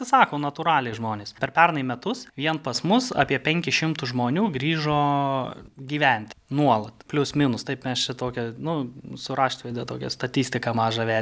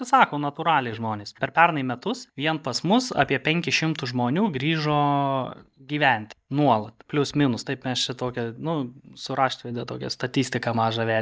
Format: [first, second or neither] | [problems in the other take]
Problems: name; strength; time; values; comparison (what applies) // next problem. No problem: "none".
first | noise reduction (neural mask model DeepFilterNet 3)